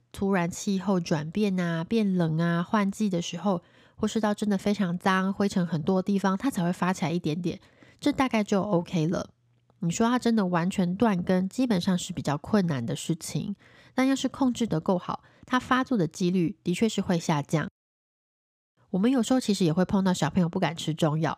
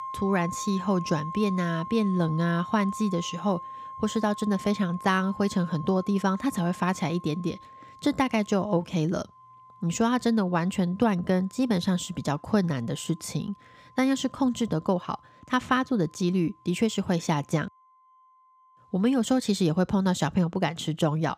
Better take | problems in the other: first | background music; noticeable; throughout; 15 dB below the speech

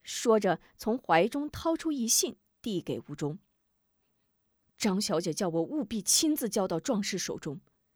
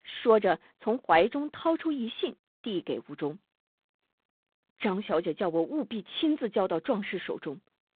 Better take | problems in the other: first | phone-call audio; poor line

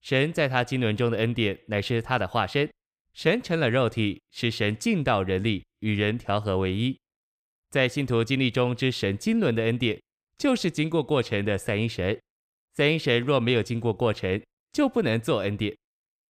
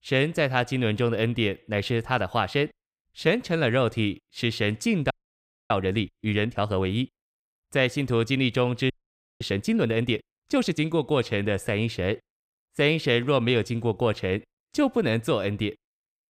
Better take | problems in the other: first | audio freezing; at 5 s for 0.5 s and at 9 s for 0.5 s

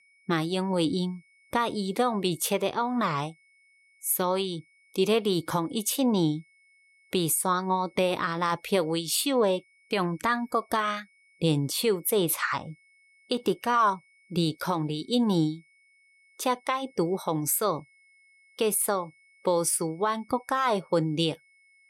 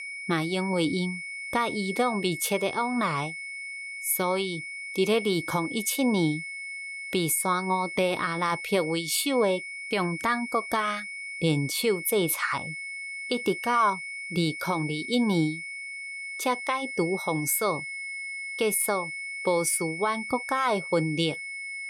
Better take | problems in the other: first | high-pitched whine; loud; throughout; 2 kHz, 7 dB below the speech; faint in the first

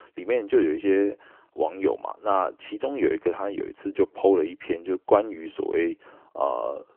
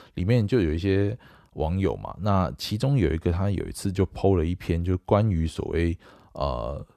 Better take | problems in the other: second | phone-call audio

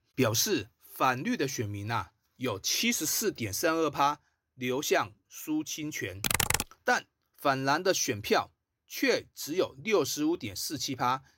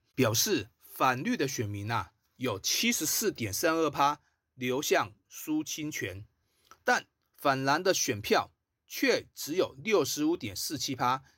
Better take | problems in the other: second | keyboard typing; loud; at 6 s; peak 3 dB above the speech

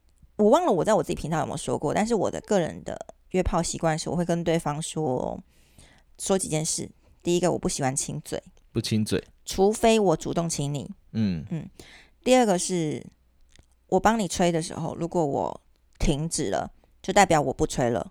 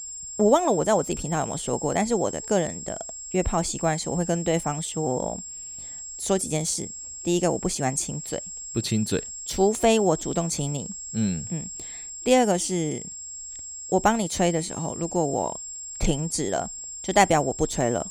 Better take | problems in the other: first | high-pitched whine; loud; throughout; 7.5 kHz, 9 dB below the speech

